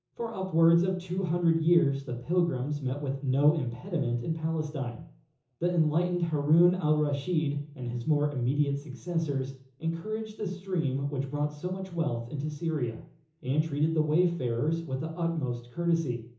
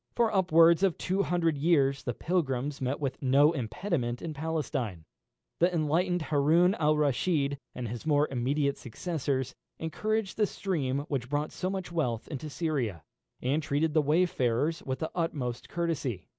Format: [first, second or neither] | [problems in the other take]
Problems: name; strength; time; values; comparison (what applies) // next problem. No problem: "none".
second | room echo; dies away in 0.7 s